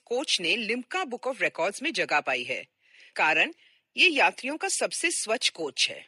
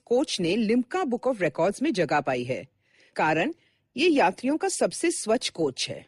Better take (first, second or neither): second